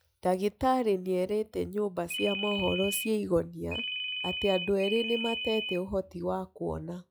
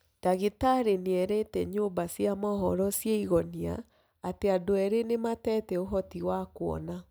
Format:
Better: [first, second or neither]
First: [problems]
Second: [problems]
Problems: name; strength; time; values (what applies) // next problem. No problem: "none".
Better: second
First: noise reduction (classical method log-MMSE)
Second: none